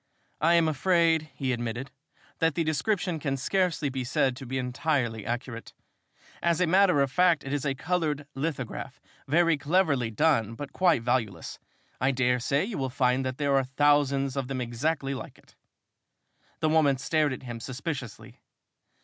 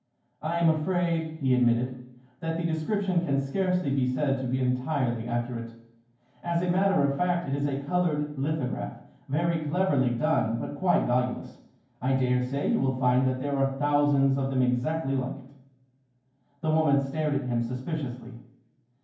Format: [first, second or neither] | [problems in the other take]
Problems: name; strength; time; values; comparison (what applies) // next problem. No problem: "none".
first | room echo; dies away in 0.9 s